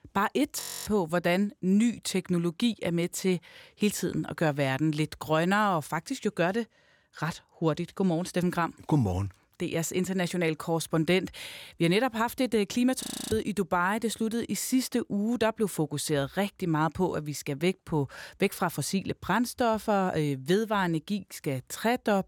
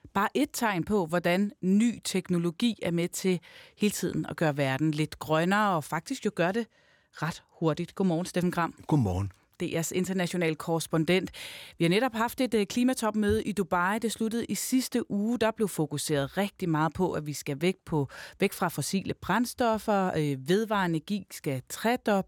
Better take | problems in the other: second | audio freezing; at 0.5 s and at 13 s

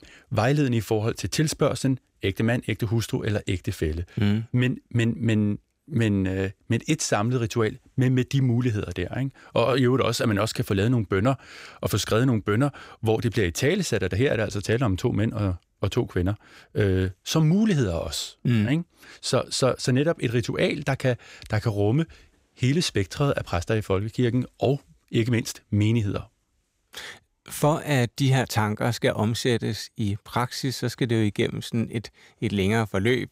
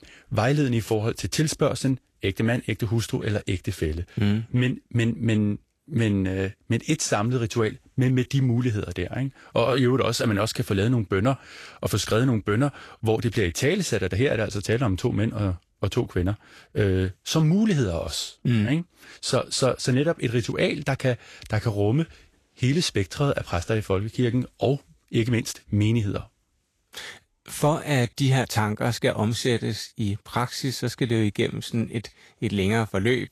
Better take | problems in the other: first | garbled, watery; slightly; nothing above 13 kHz

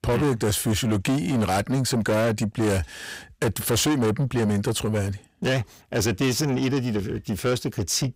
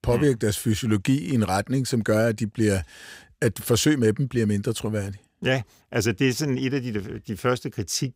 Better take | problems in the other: second | distortion; heavy; 7 dB below the speech

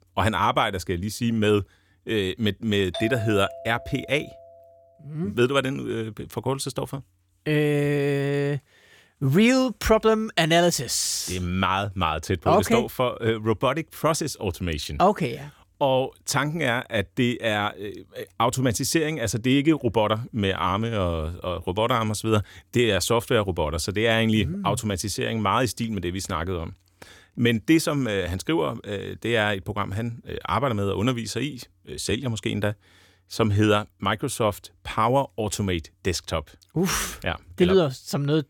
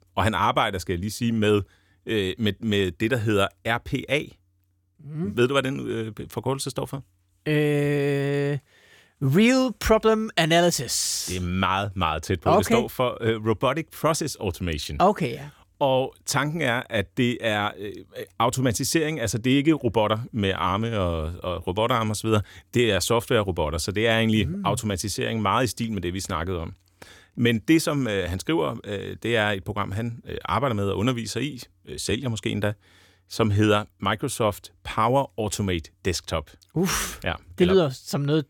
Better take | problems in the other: second | doorbell; noticeable; from 3 to 4.5 s; peak 9 dB below the speech

